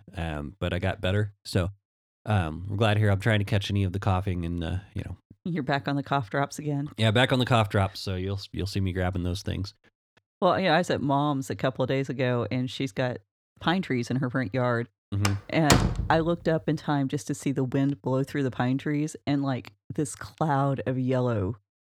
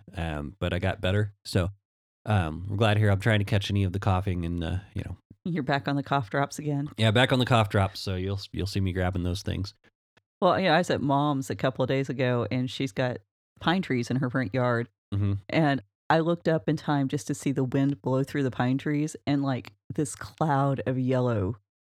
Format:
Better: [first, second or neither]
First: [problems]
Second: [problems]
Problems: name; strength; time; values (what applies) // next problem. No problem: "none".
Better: second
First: door banging; loud; at 15 s; peak 4 dB above the speech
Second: none